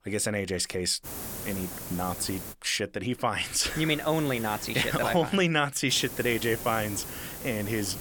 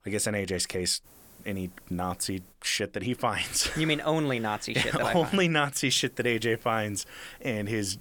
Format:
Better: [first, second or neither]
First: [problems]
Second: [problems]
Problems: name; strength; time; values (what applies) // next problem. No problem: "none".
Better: second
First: hiss; loud; from 1 to 2.5 s, from 3.5 to 5 s and from 6 s on; 10 dB below the speech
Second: hiss; faint; from 1 to 2.5 s, from 3.5 to 5 s and from 6 s on; 25 dB below the speech